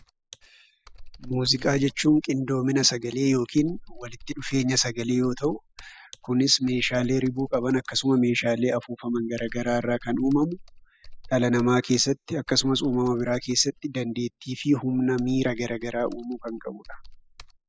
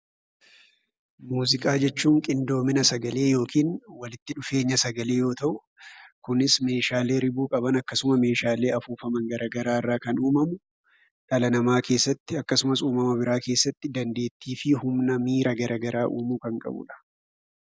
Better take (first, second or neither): second